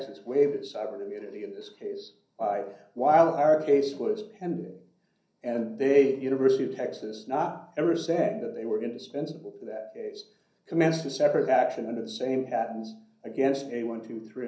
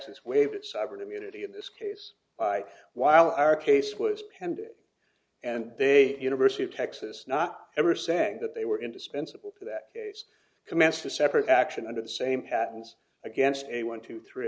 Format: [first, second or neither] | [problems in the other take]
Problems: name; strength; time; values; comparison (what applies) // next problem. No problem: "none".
second | room echo; dies away in 0.6 s